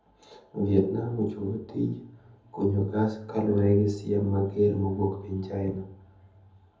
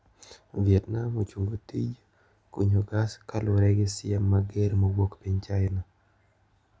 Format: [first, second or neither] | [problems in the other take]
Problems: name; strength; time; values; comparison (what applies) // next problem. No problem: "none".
second | room echo; dies away in 0.7 s